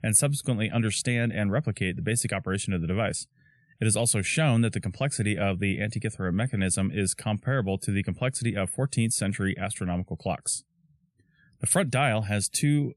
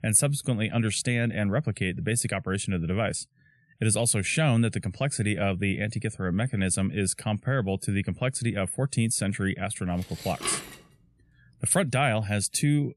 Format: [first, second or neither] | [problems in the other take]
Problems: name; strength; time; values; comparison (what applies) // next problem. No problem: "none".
first | clattering dishes; noticeable; at 10 s; peak 7 dB below the speech